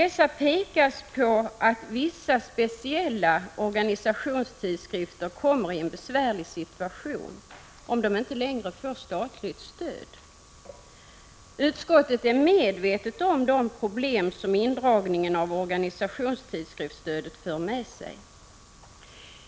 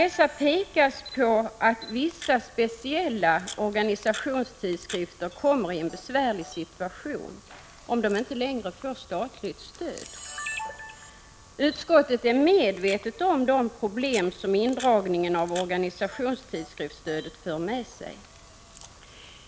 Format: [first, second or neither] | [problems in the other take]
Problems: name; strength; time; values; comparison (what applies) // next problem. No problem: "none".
first | background sound (Camera); 19 dB below the speech